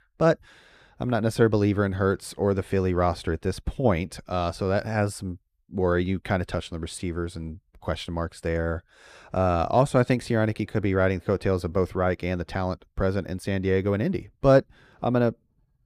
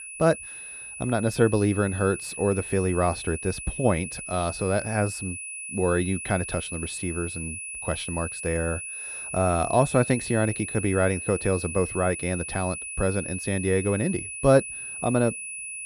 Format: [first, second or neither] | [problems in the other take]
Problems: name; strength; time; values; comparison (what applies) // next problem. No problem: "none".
first | high-pitched whine; loud; throughout; 2.5 kHz, 7 dB below the speech